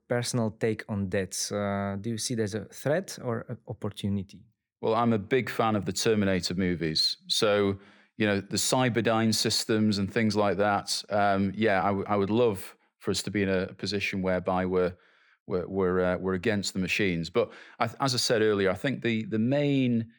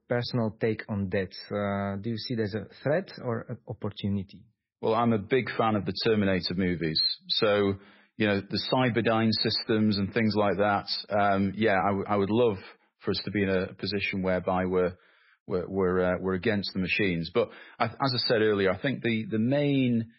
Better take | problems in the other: first | garbled, watery; badly; nothing above 5 kHz

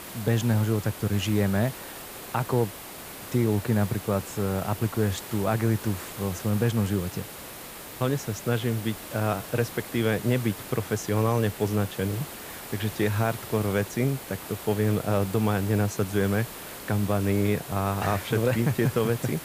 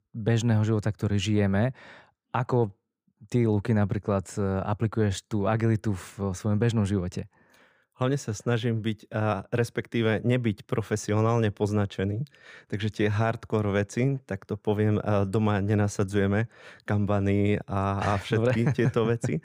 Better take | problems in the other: second | hiss; noticeable; throughout; 10 dB below the speech

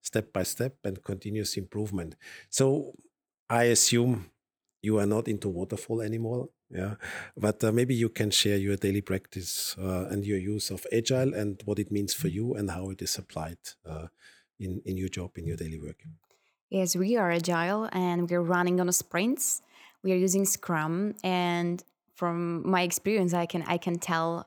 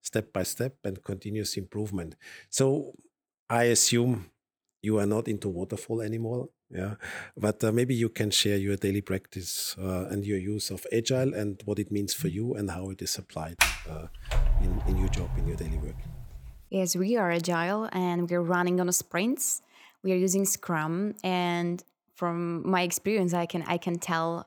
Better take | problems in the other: first | door banging; loud; from 14 to 16 s; peak 4 dB above the speech

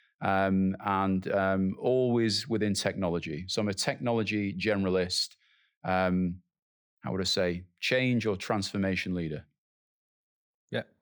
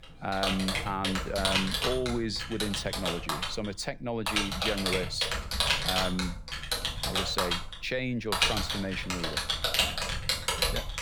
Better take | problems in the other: first | household noises; very loud; throughout; 4 dB above the speech

